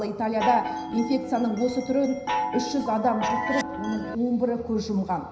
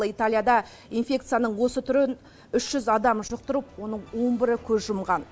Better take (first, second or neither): second